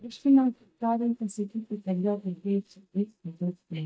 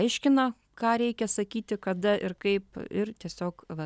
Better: second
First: noise reduction (neural mask model DeepFilterNet 3)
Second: none

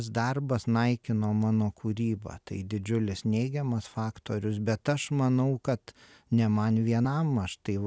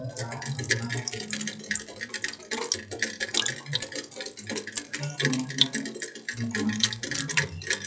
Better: first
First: none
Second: noise reduction (classical method WPE with log-MMSE)

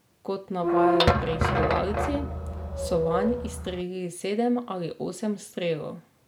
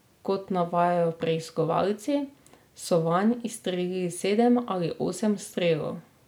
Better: second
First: background sound (Squeak / Thump, thud); 4 dB above the speech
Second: none

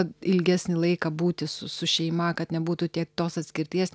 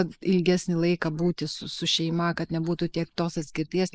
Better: first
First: none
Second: noise reduction (neural mask model Resemble Enhance denoiser)

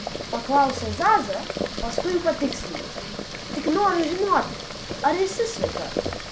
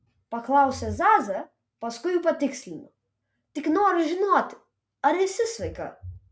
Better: second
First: background sound (Boiling); 6 dB below the speech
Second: none

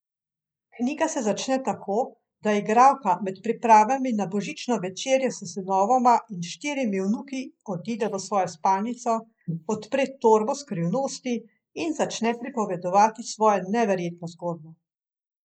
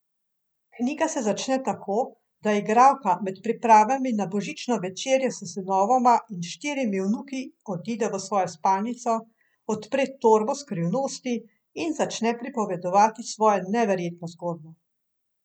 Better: second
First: noise reduction (neural mask model Resemble Enhance denoiser)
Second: none

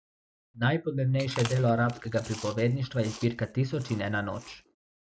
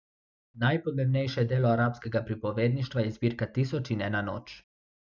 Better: second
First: background sound (Chewing, mastication); 16 dB below the speech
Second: none

